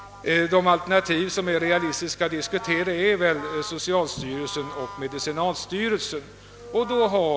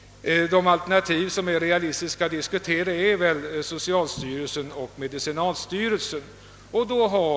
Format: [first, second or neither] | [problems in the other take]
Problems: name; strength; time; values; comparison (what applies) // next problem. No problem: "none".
second | background sound (Brass instrument); 17 dB below the speech